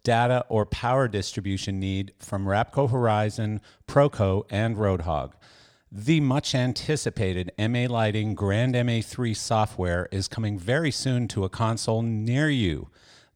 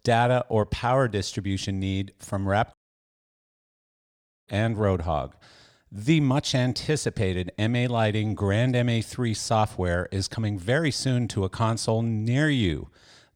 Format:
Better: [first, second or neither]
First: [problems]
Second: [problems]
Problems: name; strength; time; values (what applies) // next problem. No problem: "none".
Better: first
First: none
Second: audio cutting out; at 2.5 s for 1.5 s